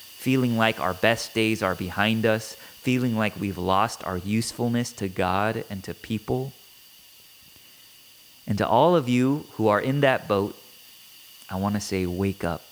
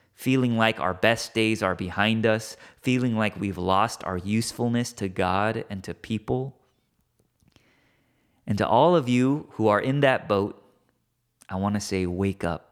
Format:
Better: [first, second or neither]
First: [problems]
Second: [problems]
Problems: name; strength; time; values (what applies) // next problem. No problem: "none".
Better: second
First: hiss; faint; throughout; 20 dB below the speech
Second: none